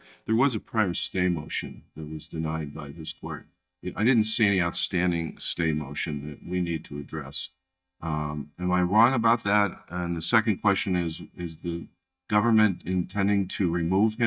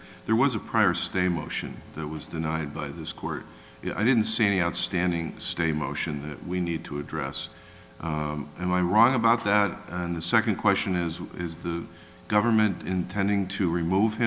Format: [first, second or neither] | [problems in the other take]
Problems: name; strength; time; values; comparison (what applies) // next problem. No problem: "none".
second | noise reduction (neural mask model DeepFilterNet 3)